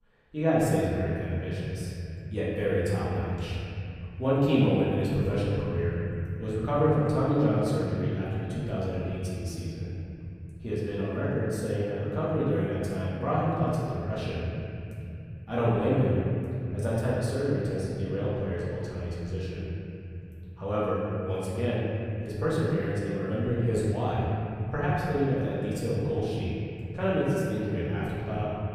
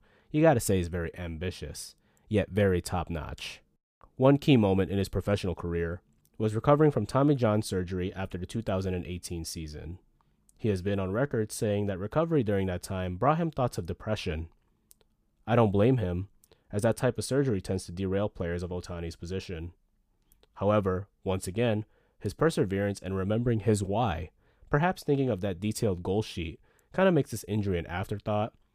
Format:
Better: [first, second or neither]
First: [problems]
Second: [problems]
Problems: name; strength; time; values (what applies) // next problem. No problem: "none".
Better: second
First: room echo; strong; dies away in 3 s // off-mic speech; far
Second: none